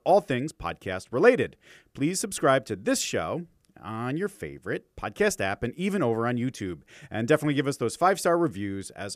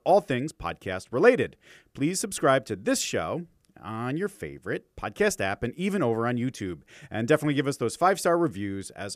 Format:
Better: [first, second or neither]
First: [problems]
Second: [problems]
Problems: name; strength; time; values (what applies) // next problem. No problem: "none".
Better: neither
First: none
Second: none